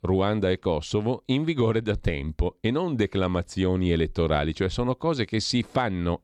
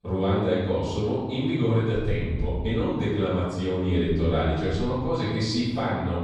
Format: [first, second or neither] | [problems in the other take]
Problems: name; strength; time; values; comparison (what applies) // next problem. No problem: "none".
first | room echo; strong; dies away in 1.2 s // off-mic speech; far